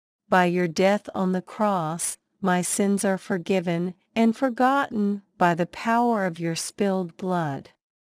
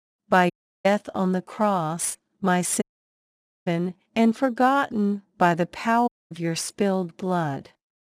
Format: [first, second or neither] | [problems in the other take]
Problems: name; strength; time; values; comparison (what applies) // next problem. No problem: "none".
first | audio cutting out; at 0.5 s, at 3 s for 1 s and at 6 s